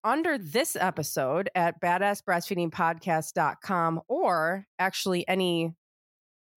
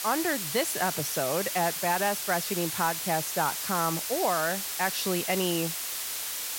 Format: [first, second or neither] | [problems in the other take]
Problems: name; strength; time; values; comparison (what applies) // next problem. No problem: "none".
first | hiss; loud; throughout; 1 dB below the speech